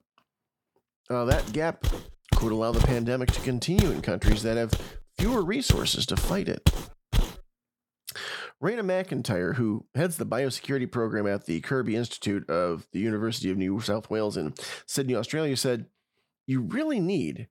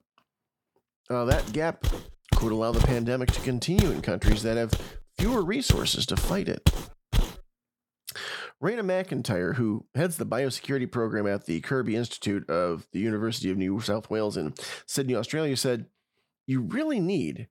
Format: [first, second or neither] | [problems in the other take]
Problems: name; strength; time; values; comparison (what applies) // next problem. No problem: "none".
neither | footsteps; loud; from 1.5 to 7 s; peak 2 dB above the speech; the same in both